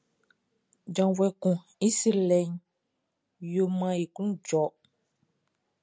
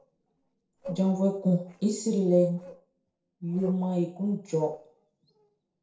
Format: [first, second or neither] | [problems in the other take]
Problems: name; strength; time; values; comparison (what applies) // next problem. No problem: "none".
first | noise reduction (neural separator model SepFormer DNS4)